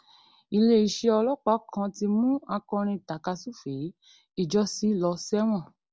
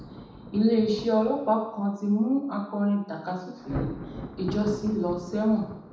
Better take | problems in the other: first | background sound (Thunder); 14 dB below the speech // room echo; dies away in 0.8 s

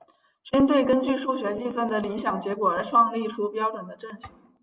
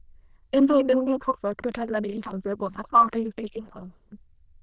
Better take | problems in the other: first | noise reduction (neural diffusion model UNIVERSE++)

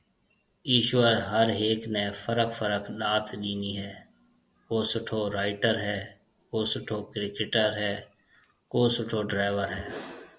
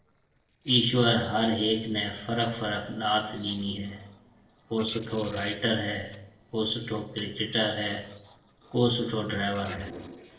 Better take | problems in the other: first | noise reduction (neural separator model SepFormer DNS4)

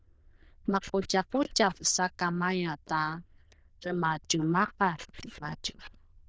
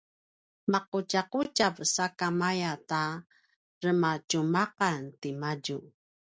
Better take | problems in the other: second | noise reduction (neural diffusion model UNIVERSE++)

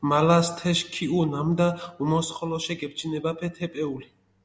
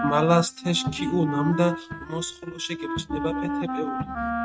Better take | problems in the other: first | noise reduction (neural mask model RNNoise)

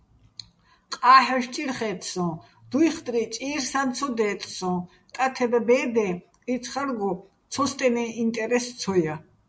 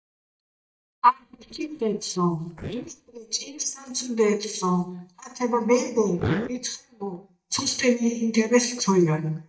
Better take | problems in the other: first | noise reduction (neural mask model DeepFilterNet 3)

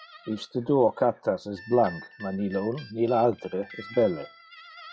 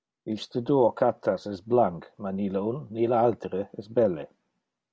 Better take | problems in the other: second | noise reduction (classical method log-MMSE)

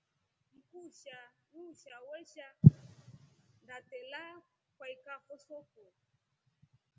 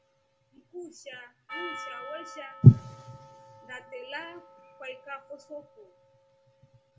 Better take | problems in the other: first | background sound (Percussion); 18 dB below the speech // room echo; dies away in 0.2 s

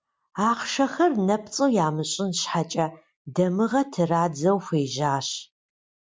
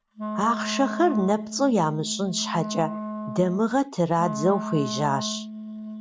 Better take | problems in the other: first | background sound (Wind instrument, woodwind instrument); 8 dB below the speech

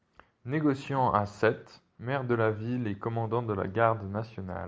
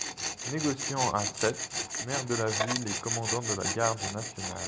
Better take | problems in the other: first | background sound (Tools); 1 dB below the speech

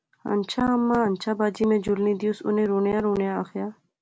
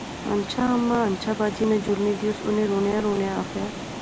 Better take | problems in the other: first | background sound (Water); 9 dB below the speech

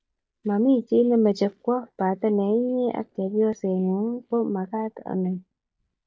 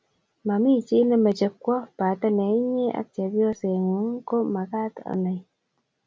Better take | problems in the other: second | noise reduction (neural mask model DeepFilterNet 3)

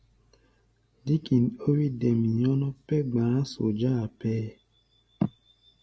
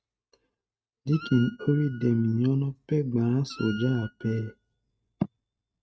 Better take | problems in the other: first | noise reduction (neural mask model RNNoise)

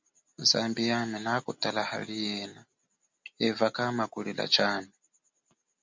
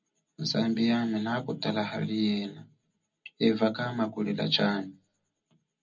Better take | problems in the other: first | room echo; dies away in 0.4 s

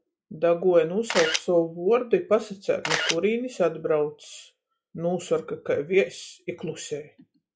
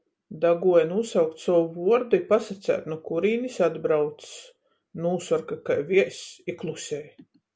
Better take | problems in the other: second | noise reduction (classical method log-MMSE)

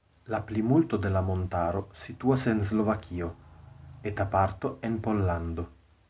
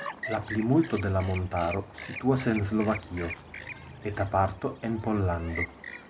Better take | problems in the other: first | background sound (Chirp, tweet); 12 dB below the speech

